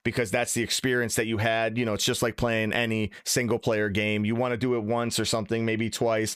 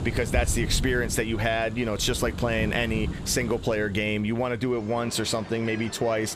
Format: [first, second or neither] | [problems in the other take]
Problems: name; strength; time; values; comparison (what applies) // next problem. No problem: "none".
first | rain or running water; loud; throughout; 8 dB below the speech